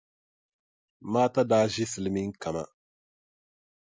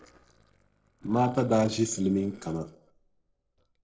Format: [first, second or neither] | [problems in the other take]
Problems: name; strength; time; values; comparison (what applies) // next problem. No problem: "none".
first | noise reduction (neural separator model SepFormer DNS4)